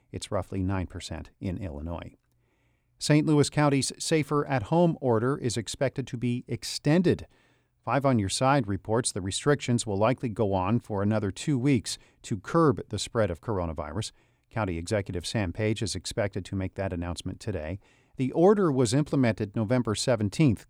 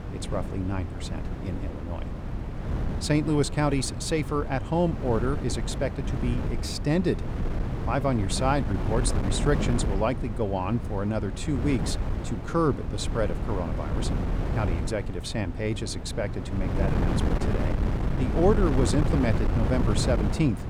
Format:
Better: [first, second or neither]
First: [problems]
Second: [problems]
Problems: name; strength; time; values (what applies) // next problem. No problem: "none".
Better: first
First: none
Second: wind noise on the microphone; heavy; 7 dB below the speech